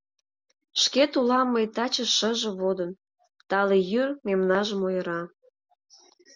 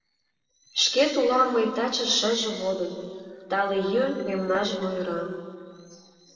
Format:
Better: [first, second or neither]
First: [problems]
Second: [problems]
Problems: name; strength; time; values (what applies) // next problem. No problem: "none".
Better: first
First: none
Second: noise reduction (neural separator model SepFormer DNS4)